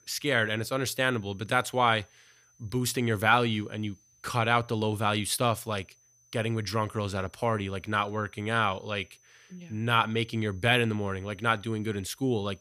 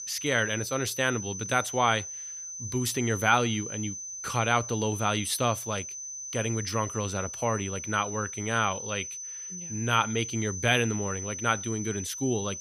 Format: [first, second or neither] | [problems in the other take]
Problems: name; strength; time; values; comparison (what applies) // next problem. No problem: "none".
first | high-pitched whine; loud; throughout; 6 kHz, 7 dB below the speech; faint in the first